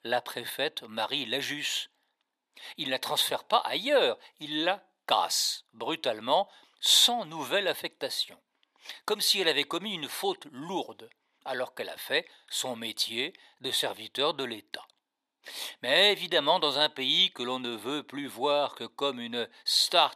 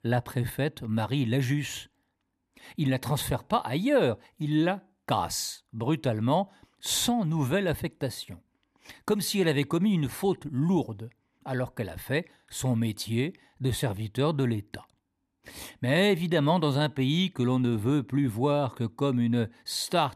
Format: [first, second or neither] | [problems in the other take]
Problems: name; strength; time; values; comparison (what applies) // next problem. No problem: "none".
second | thin; very; fading below 600 Hz